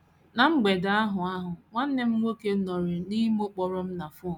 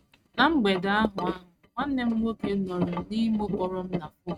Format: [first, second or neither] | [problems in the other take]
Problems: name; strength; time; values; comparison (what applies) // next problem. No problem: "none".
first | noise reduction (neural mask model RNNoise)